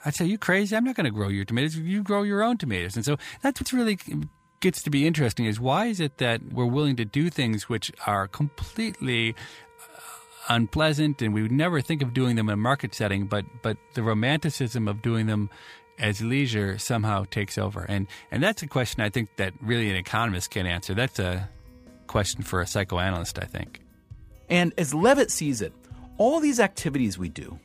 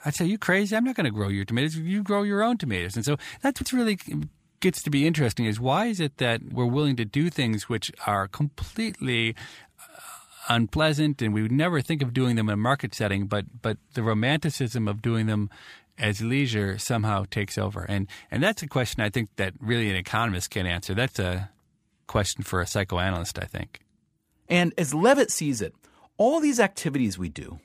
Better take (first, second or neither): second